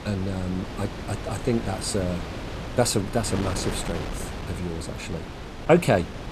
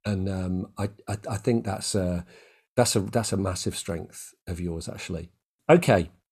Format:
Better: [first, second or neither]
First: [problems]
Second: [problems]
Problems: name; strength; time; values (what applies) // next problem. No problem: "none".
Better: second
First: wind noise on the microphone; heavy; 9 dB below the speech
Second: none